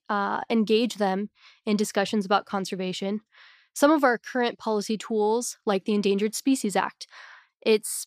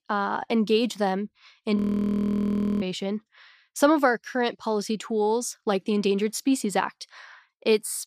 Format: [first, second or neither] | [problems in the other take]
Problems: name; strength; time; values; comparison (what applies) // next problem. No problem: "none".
first | audio freezing; at 2 s for 1 s